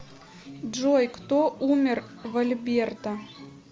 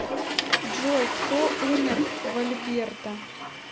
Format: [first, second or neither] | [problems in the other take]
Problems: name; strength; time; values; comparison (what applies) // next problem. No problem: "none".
first | background sound (Toilet flush / Water); as loud as the speech